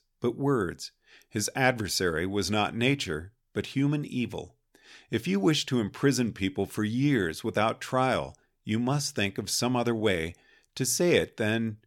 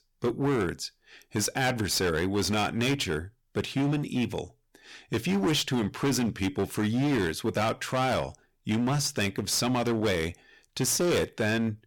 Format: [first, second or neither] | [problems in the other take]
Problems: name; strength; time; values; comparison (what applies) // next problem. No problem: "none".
first | distortion; heavy; 17% of the sound clipped